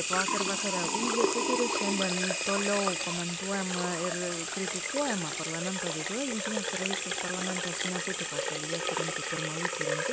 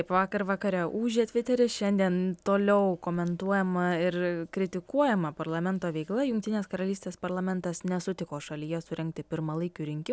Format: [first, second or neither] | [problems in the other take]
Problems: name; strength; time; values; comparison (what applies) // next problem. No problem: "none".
second | background sound (Sink (filling or washing) / Water tap, faucet); 3 dB above the speech